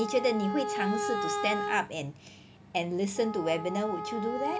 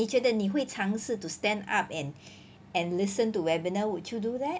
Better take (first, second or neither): second